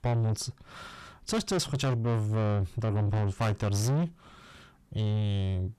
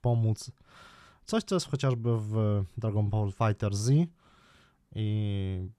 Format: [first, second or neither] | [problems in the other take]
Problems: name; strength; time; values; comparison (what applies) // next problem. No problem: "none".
second | distortion; heavy; 7 dB below the speech